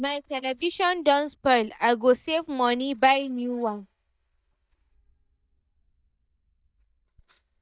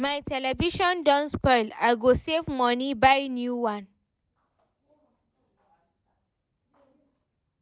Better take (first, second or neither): second